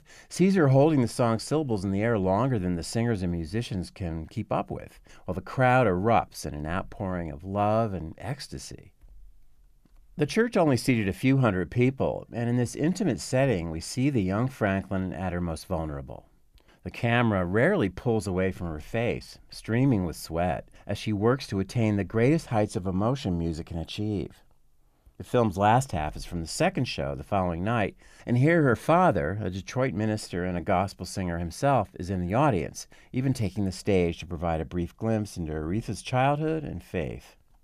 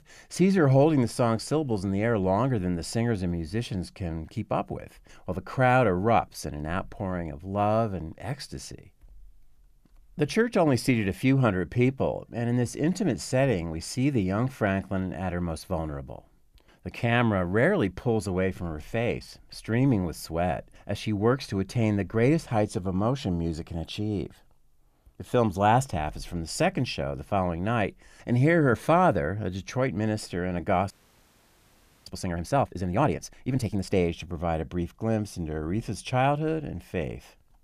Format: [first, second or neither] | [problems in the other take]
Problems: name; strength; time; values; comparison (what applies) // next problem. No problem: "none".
first | audio freezing; at 31 s for 1 s